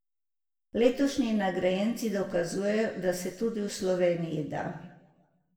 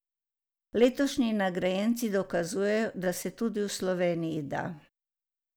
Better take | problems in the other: second | room echo; dies away in 0.8 s

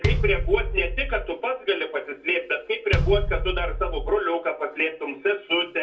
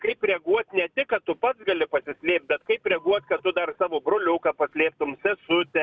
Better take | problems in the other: second | background sound (Bass drum); 1 dB below the speech // room echo; dies away in 0.2 s

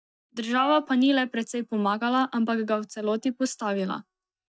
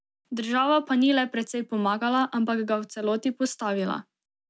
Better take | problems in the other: second | noise reduction (neural mask model DeepFilterNet 3)

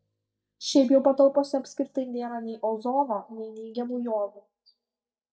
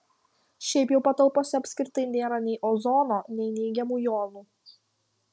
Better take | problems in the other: second | noise reduction (neural mask model DeepFilterNet 3)

